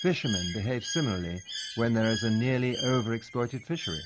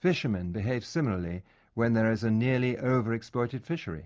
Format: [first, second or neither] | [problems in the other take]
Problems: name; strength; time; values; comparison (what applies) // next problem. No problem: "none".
second | background sound (Bird); 10 dB below the speech